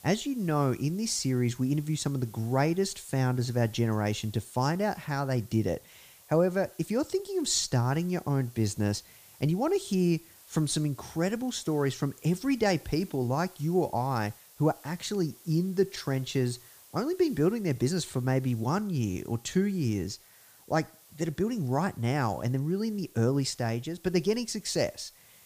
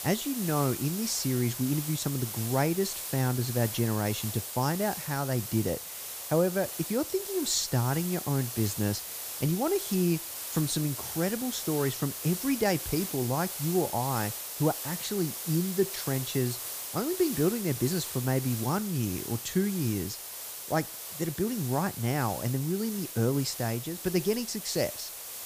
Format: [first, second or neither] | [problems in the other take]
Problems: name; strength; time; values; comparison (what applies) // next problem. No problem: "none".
first | hiss; loud; throughout; 6 dB below the speech; faint in the first